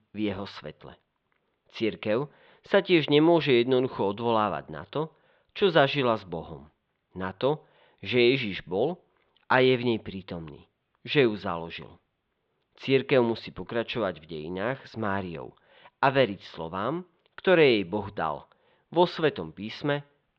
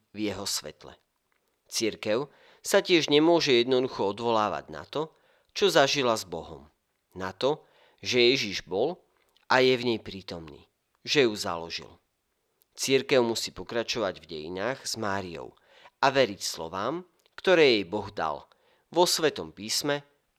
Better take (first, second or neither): second